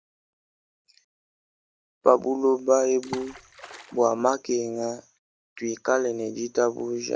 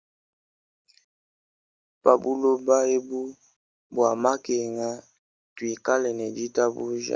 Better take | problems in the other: second | background sound (Water / Splash, splatter); 15 dB below the speech

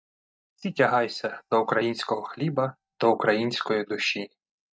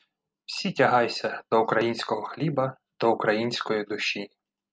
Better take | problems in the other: second | noise reduction (neural mask model DeepFilterNet 3)

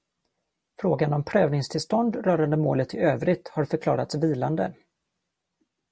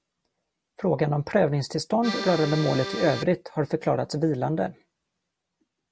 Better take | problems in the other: first | background sound (Accordion); 7 dB below the speech

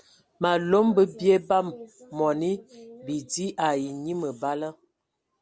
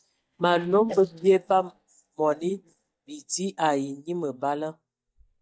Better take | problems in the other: first | noise reduction (neural mask model DeepFilterNet 3)

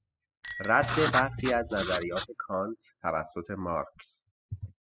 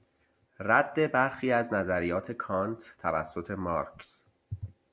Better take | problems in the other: second | noise reduction (classical method spectral subtraction)

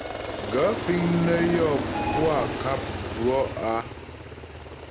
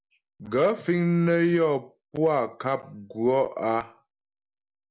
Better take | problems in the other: second | background sound (Alarm + Aircraft); 4 dB below the speech

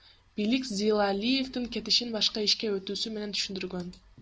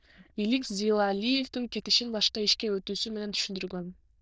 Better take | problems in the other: first | noise reduction (neural diffusion model UNIVERSE++)

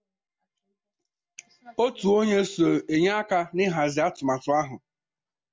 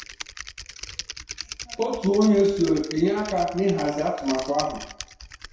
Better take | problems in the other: first | background sound (Typing); 14 dB below the speech // room echo; dies away in 0.7 s

